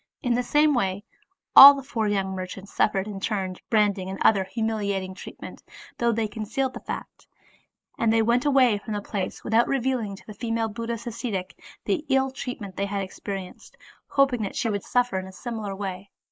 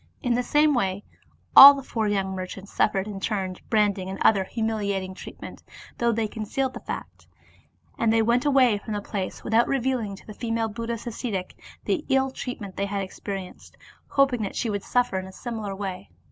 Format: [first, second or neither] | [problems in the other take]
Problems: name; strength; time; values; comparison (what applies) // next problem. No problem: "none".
second | noise reduction (neural mask model Resemble Enhance denoiser)